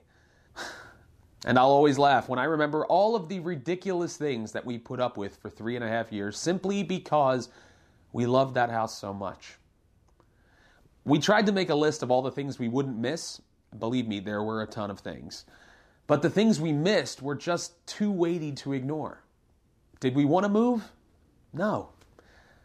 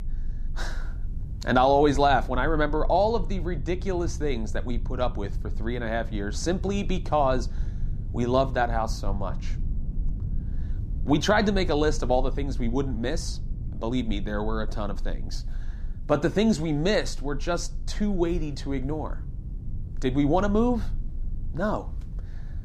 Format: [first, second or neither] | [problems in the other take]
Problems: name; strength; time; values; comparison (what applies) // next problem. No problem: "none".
first | low rumble; faint; throughout; 25 dB below the speech